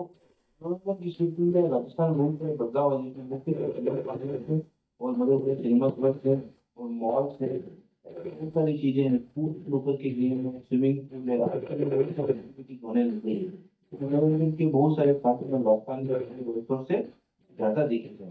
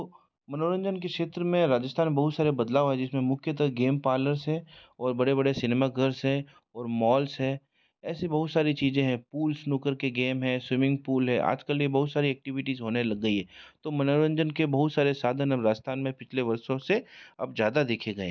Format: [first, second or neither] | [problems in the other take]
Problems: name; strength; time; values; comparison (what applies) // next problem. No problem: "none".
second | noise reduction (neural mask model DeepFilterNet 3)